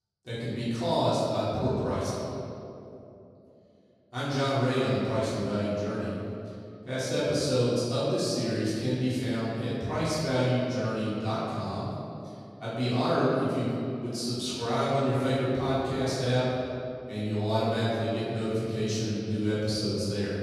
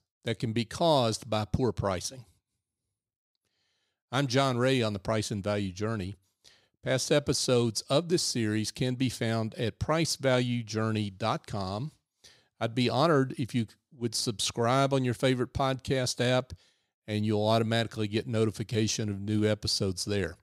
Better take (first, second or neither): second